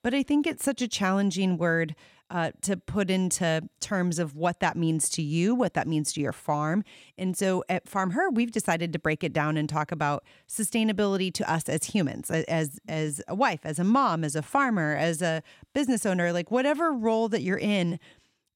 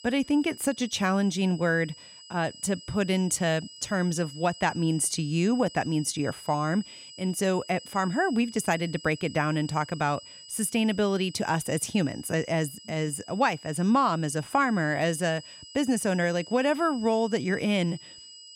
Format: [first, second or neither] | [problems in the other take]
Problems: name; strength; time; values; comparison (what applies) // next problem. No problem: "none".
first | high-pitched whine; noticeable; throughout; 5 kHz, 15 dB below the speech